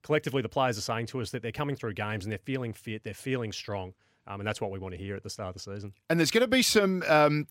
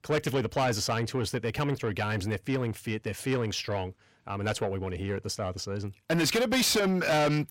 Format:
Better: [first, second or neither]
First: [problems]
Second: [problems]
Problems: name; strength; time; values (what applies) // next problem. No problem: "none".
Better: first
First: none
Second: distortion; heavy; 6 dB below the speech